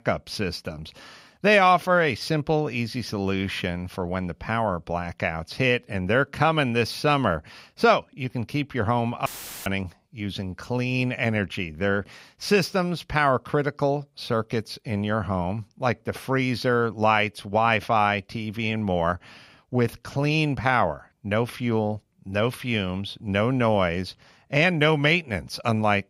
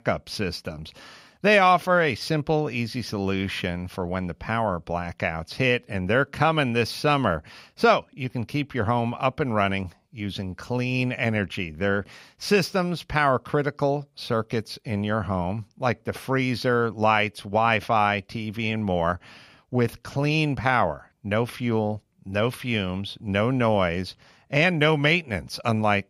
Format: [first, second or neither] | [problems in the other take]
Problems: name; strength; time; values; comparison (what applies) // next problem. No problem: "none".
second | audio cutting out; filled with static; at 9.5 s